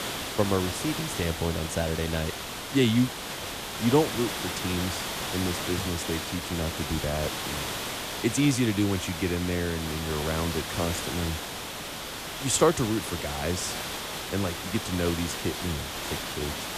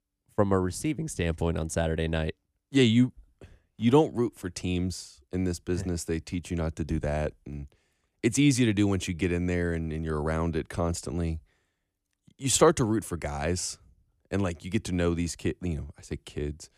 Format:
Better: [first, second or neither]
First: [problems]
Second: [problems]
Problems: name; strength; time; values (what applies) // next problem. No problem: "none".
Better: second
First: hiss; loud; throughout; 4 dB below the speech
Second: none